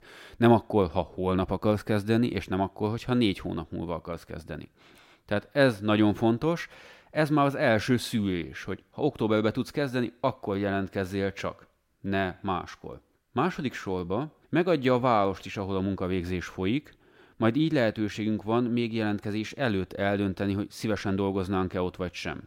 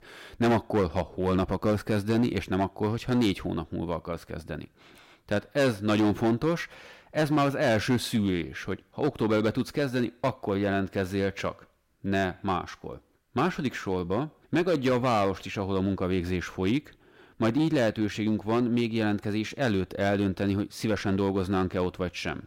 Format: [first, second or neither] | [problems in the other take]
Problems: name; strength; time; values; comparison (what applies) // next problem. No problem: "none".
first | distortion; slight; 6% of the sound clipped